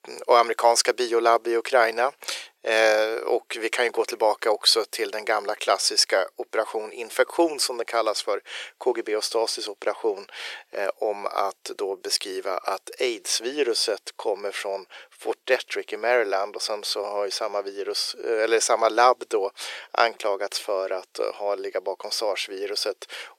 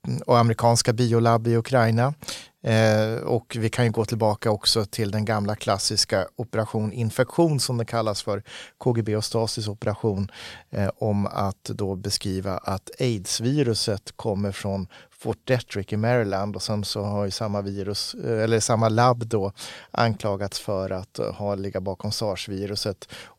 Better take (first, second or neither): second